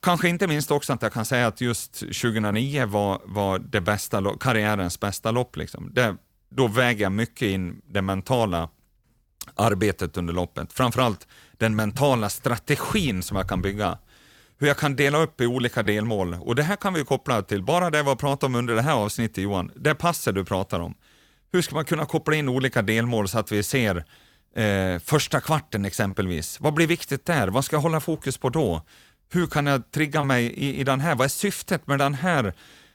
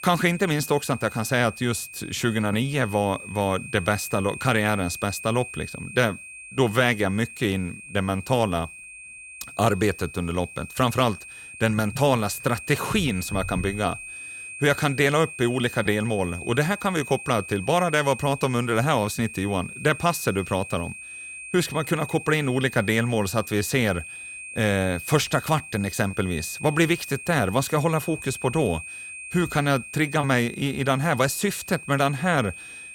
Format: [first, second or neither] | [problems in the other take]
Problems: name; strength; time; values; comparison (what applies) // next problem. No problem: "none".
first | high-pitched whine; noticeable; throughout; 2.5 kHz, 15 dB below the speech